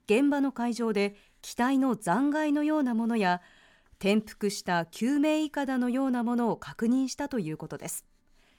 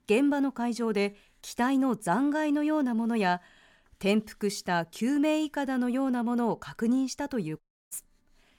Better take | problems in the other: first | audio cutting out; at 7.5 s

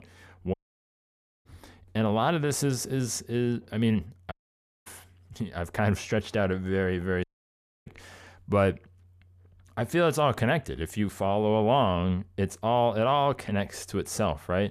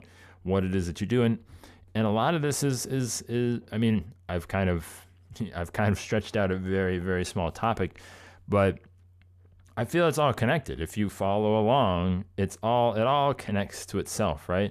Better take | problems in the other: second | audio cutting out; at 0.5 s for 1 s, at 4.5 s for 0.5 s and at 7 s for 0.5 s

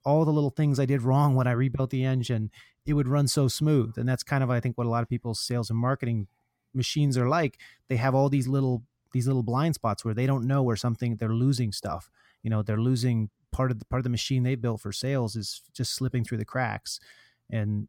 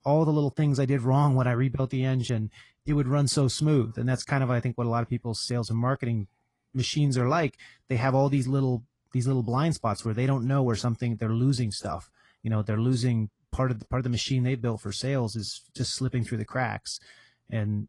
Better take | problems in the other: first | garbled, watery; slightly; nothing above 10 kHz

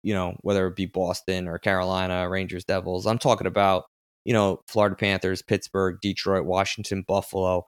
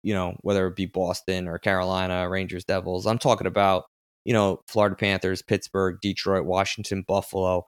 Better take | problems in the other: neither | none

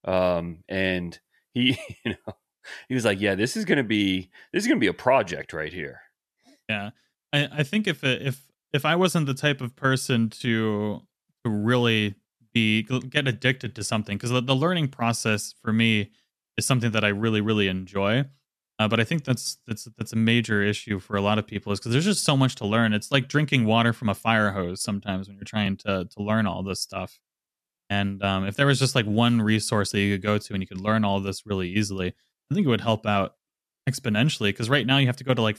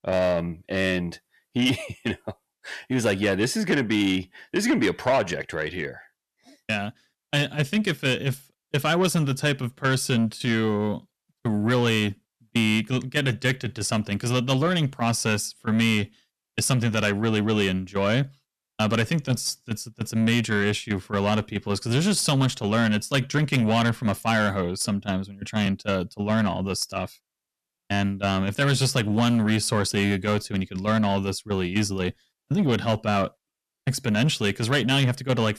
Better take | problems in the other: first | distortion; slight; 10 dB below the speech

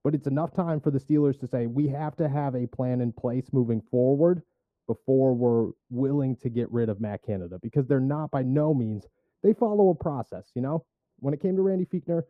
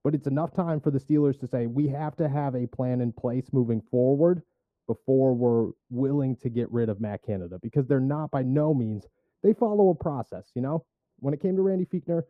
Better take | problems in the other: neither | muffled; very; fading above 1.5 kHz; the same in both

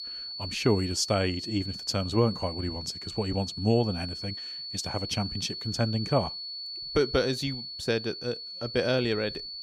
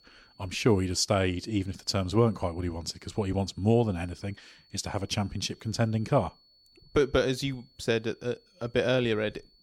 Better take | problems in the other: second | high-pitched whine; loud; throughout; 4.5 kHz, 6 dB below the speech; faint in the second

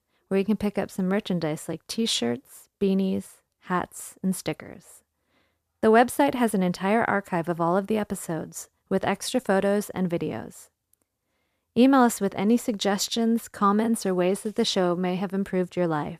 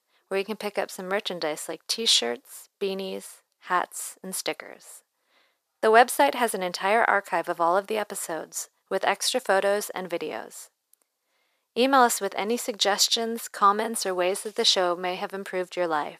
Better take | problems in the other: first | thin; somewhat; fading below 550 Hz

